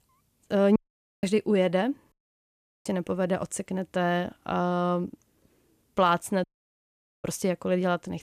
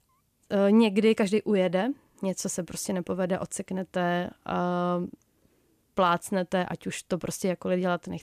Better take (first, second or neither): second